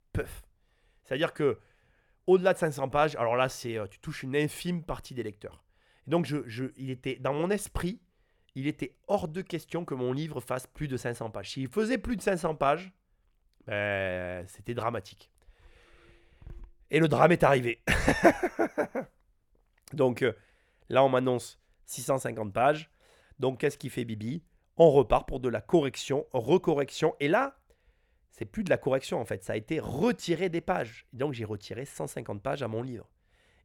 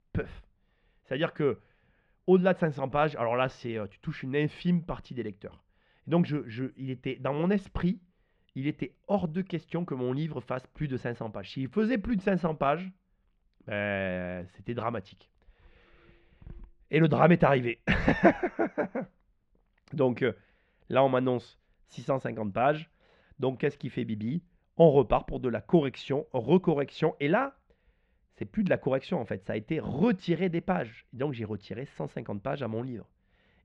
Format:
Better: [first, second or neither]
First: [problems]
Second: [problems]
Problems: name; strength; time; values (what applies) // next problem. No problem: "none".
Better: first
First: none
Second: muffled; slightly; fading above 4 kHz